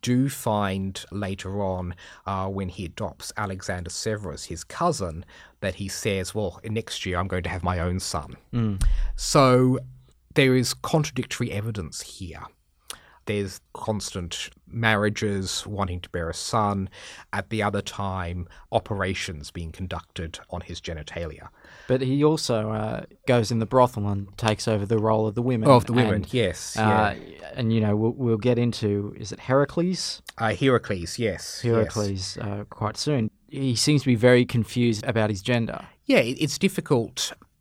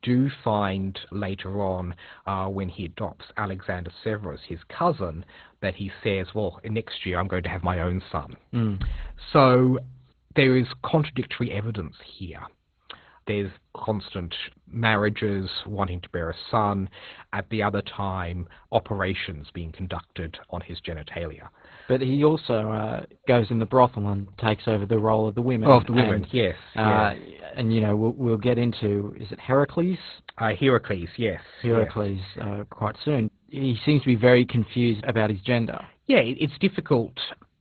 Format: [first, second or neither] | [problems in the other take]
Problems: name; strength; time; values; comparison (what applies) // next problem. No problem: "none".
first | garbled, watery; badly; nothing above 4 kHz